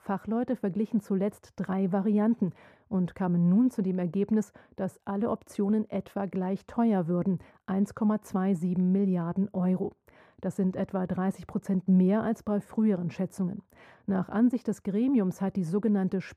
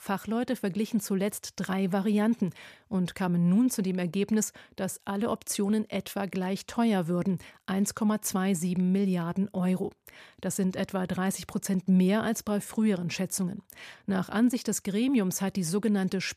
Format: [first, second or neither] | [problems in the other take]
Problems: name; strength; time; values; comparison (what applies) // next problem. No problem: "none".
second | muffled; very; fading above 2 kHz